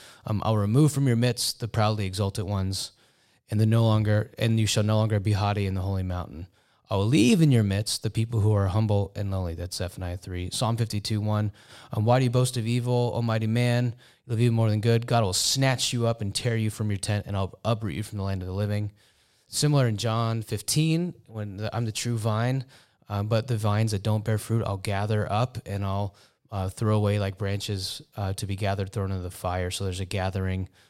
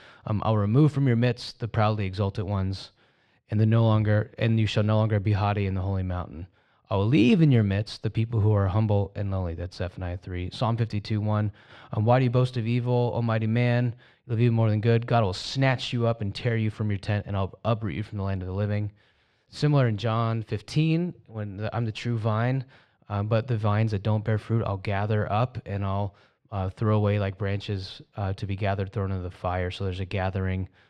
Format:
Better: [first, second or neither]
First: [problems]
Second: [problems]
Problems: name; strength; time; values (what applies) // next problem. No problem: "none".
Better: first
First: none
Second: muffled; slightly; fading above 2.5 kHz